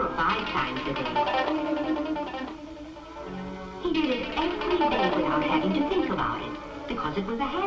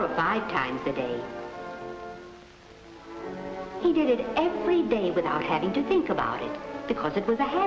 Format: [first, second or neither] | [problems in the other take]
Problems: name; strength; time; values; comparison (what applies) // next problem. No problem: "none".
second | background sound (Guitar); 1 dB below the speech // room echo; dies away in 0.2 s